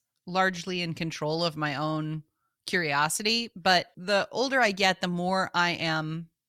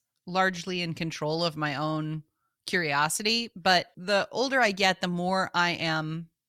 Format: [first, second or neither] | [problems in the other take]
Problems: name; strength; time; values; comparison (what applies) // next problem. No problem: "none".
neither | none